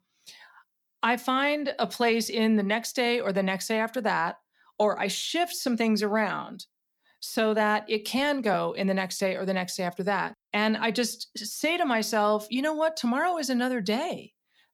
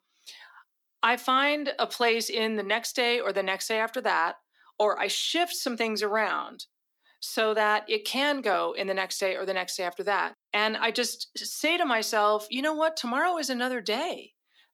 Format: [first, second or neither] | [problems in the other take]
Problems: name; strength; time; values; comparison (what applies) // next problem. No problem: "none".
first | thin; somewhat; fading below 300 Hz